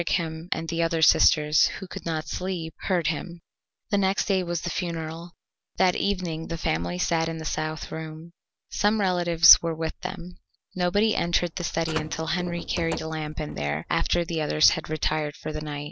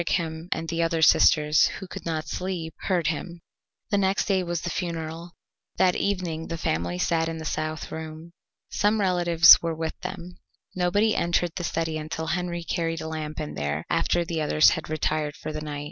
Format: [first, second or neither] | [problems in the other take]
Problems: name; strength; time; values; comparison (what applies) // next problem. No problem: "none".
second | background sound (Car); 12 dB below the speech